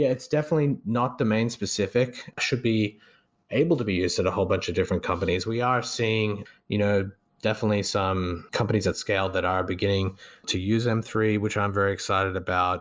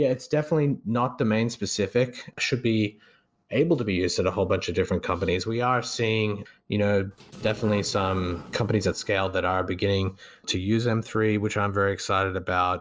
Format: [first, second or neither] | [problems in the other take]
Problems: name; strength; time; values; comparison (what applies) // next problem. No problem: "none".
first | noise reduction (neural separator model SepFormer DNS4)